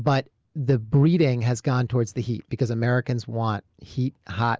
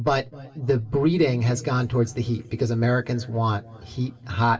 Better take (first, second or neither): first